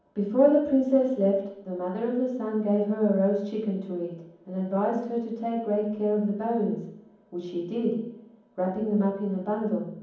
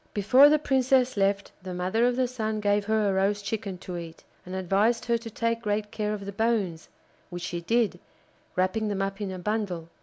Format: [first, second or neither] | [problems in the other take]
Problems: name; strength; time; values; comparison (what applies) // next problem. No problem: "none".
second | room echo; dies away in 1.2 s